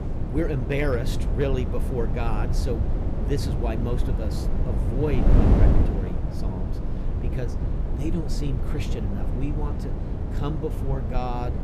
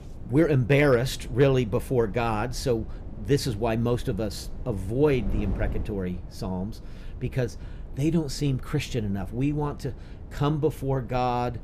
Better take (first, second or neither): second